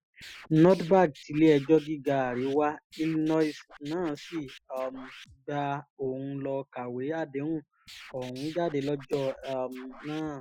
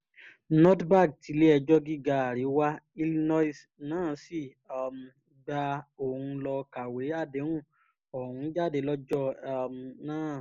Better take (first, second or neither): second